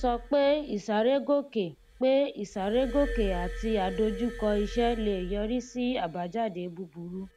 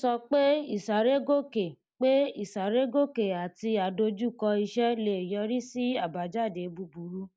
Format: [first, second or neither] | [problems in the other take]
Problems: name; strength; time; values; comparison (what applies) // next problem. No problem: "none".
second | background sound (Glass); 11 dB below the speech